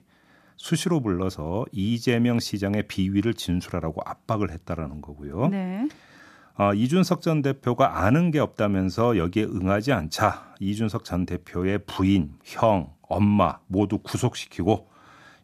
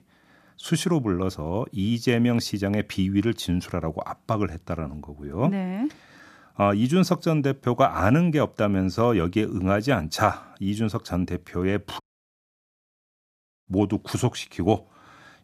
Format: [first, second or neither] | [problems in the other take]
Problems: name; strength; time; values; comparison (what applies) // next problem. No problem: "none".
first | audio cutting out; at 12 s for 1.5 s